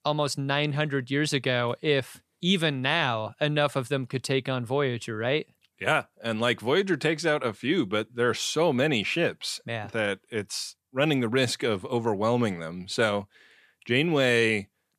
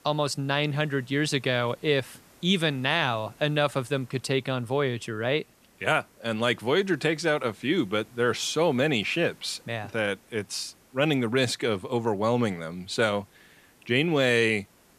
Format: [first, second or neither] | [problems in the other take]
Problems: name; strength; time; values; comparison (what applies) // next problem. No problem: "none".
first | hiss; faint; throughout; 30 dB below the speech